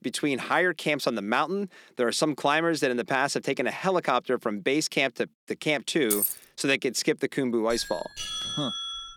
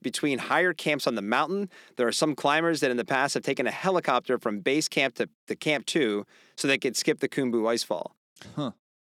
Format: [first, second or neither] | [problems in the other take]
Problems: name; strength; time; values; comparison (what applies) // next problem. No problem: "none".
second | jangling keys; loud; at 6 s; peak 1 dB above the speech // doorbell; noticeable; from 7.5 s on; peak 3 dB below the speech